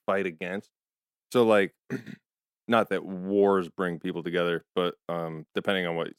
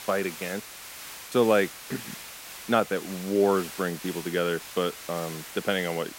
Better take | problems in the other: first | hiss; noticeable; throughout; 10 dB below the speech

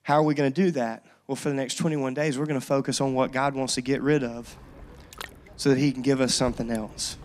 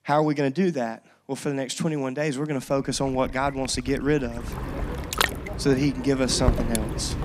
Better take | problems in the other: first | rain or running water; loud; from 3 s on; 4 dB below the speech; faint in the first

